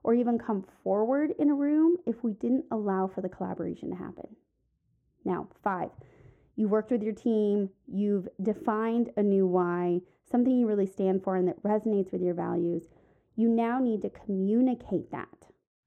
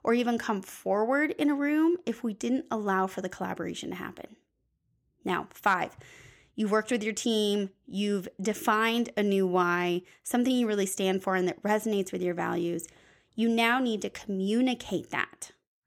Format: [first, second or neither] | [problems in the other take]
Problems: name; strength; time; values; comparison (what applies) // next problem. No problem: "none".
second | muffled; very; fading above 1.5 kHz